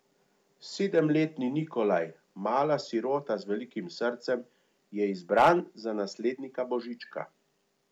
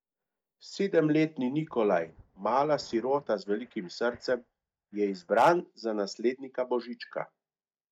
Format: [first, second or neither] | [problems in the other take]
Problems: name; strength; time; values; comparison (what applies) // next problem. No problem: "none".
first | noise reduction (neural mask model DeepFilterNet 3)